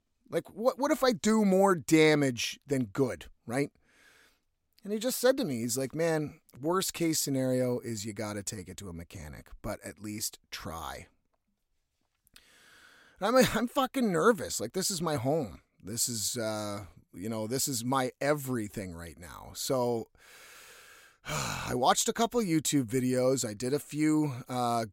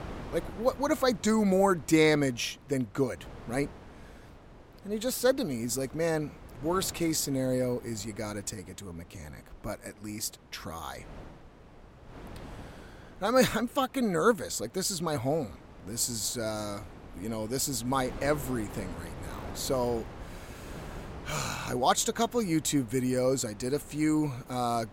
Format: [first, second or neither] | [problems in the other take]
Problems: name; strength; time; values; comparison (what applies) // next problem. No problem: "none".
first | wind noise on the microphone; occasional gusts; 20 dB below the speech